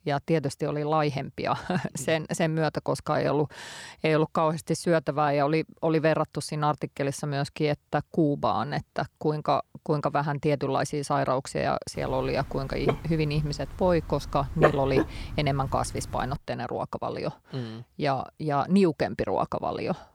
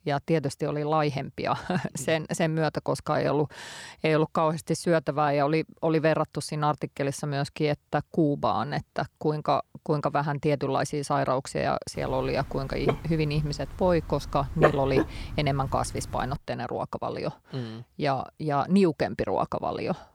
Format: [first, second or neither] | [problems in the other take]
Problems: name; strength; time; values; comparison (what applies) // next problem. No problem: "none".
neither | dog barking; loud; from 13 to 16 s; peak 3 dB above the speech; the same in both